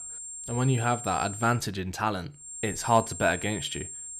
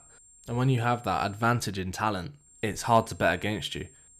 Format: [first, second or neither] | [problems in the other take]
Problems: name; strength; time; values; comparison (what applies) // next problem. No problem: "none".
second | high-pitched whine; loud; until 1.5 s and from 2.5 s on; 7.5 kHz, 9 dB below the speech; faint in the second